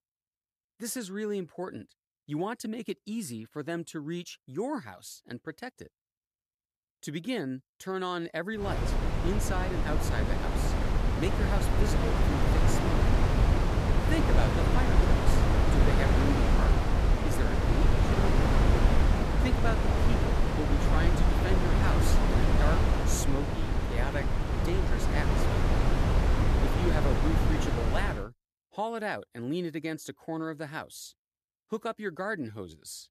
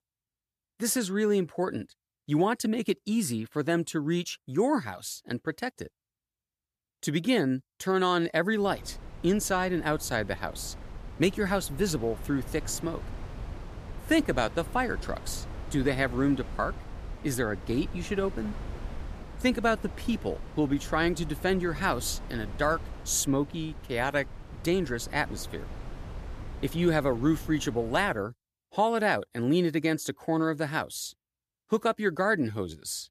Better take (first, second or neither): second